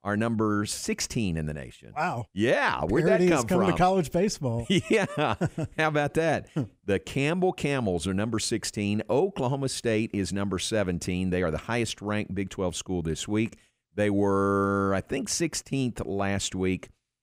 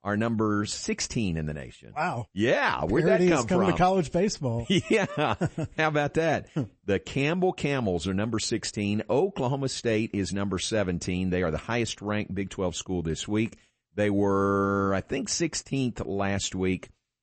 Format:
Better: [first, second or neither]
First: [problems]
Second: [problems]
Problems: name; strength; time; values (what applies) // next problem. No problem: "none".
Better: first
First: none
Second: garbled, watery; slightly; nothing above 8 kHz